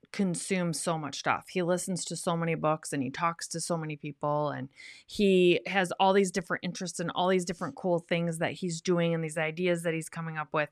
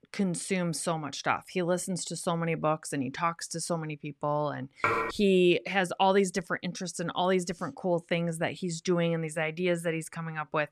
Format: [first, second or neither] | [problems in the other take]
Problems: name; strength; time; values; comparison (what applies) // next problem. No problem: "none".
first | clattering dishes; loud; at 5 s; peak 1 dB above the speech